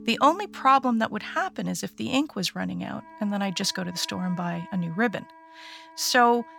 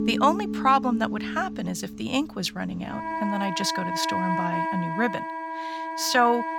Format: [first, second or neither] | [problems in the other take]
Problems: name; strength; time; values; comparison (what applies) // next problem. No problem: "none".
first | background music; loud; throughout; 4 dB below the speech; faint in the first